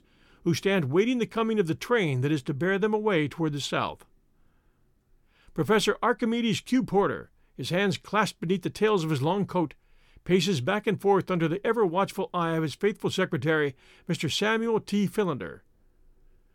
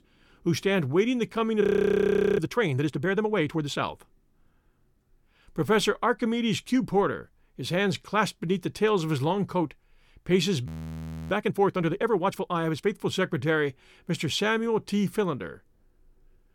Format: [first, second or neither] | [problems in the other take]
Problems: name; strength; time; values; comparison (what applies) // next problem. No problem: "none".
first | audio freezing; at 1.5 s for 1 s and at 11 s for 0.5 s